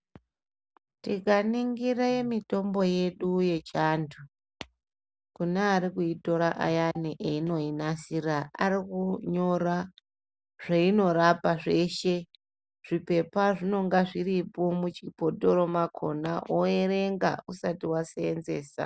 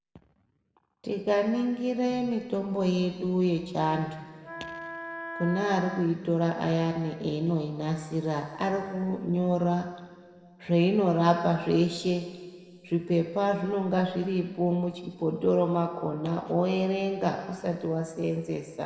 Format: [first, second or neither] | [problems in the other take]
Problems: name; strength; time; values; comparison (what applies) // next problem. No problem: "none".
first | background sound (Wind instrument, woodwind instrument); 11 dB below the speech // room echo; dies away in 1.8 s